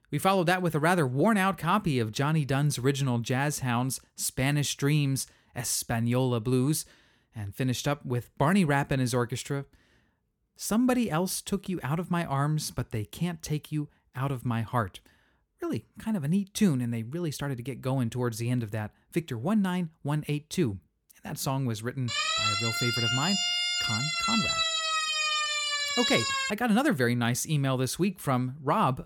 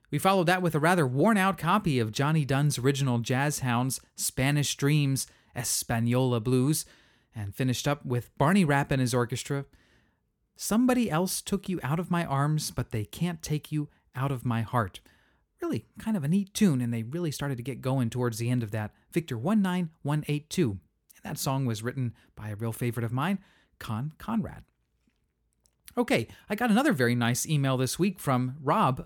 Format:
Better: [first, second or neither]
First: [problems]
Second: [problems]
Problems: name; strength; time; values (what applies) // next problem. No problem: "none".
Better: second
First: siren; loud; from 22 to 27 s; peak 4 dB above the speech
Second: none